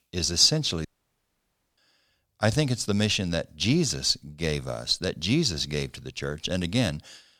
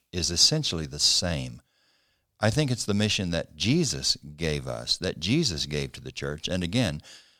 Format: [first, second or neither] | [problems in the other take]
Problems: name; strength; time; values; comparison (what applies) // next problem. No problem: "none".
second | audio cutting out; at 1 s for 1 s